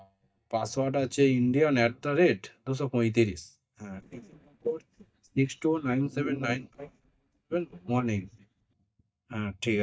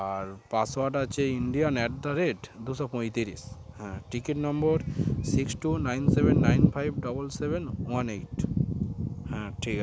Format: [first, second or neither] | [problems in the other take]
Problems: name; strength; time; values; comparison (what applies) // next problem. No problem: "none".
second | noise reduction (neural mask model DeepFilterNet 3)